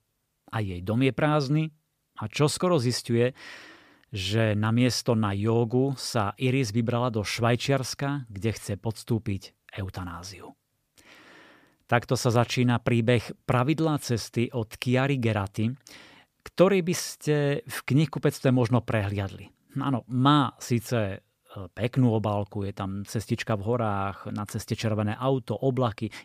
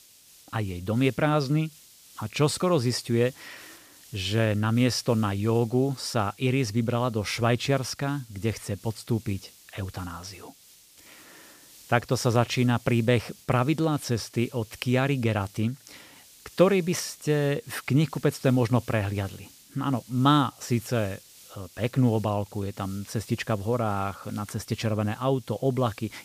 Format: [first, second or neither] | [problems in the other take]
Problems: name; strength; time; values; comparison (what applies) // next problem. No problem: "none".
first | hiss; faint; throughout; 25 dB below the speech